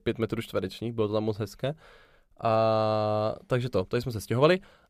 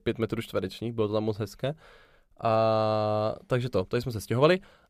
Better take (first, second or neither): neither